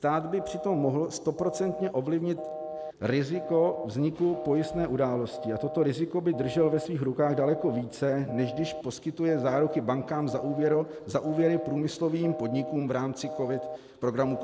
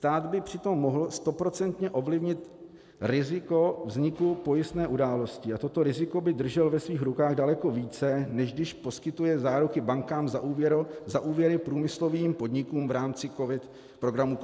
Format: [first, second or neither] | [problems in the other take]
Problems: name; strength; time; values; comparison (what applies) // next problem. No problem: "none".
second | background sound (Telephone); 11 dB below the speech